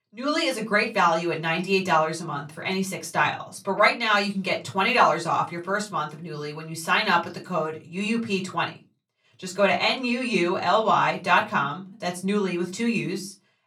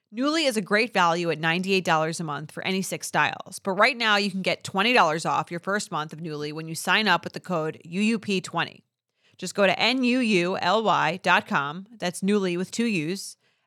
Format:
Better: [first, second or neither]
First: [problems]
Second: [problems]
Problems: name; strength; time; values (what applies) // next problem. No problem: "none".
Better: second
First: off-mic speech; far // room echo; very slight; dies away in 0.2 s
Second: none